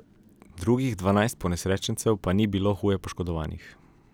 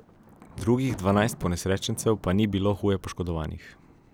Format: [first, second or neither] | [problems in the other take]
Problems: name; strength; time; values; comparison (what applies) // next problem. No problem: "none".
first | background sound (Thunder); 17 dB below the speech